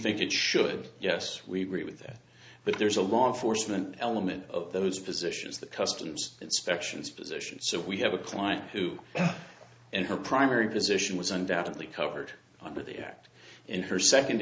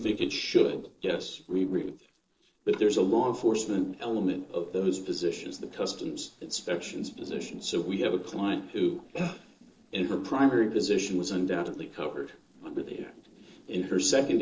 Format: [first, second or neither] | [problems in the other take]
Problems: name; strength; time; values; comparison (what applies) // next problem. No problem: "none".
first | noise reduction (neural separator model SepFormer DNS4)